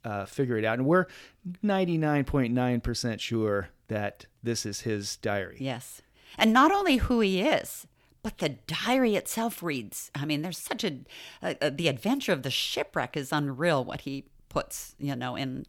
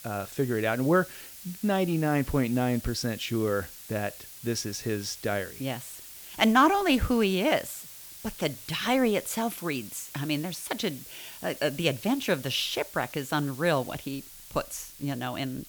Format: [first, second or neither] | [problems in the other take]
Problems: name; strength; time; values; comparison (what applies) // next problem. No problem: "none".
first | hiss; noticeable; throughout; 15 dB below the speech